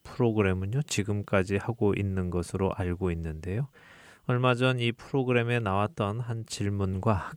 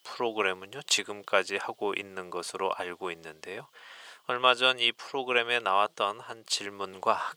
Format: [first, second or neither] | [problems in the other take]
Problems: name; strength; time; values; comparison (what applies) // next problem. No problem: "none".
first | thin; very; fading below 650 Hz